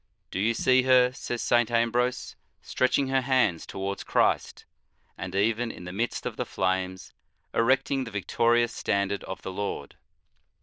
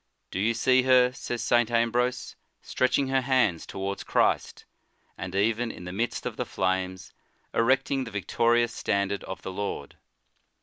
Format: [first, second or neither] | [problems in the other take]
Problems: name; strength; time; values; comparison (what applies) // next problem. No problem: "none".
second | noise reduction (neural diffusion model UNIVERSE++)